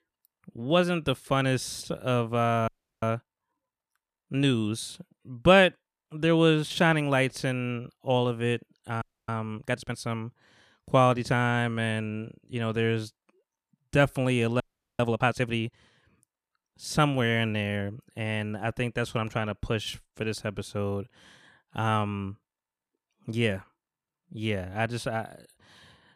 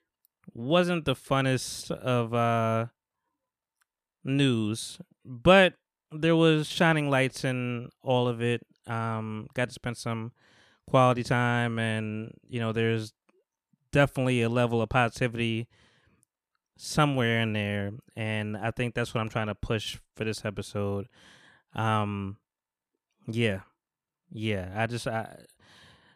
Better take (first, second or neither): second